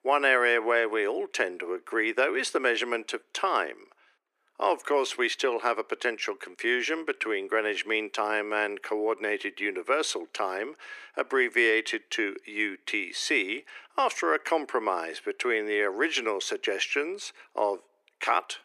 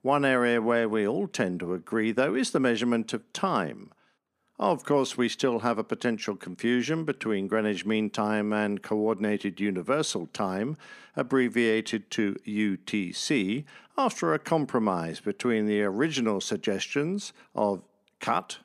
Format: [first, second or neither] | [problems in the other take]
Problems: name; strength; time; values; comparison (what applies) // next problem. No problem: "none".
second | thin; very; fading below 350 Hz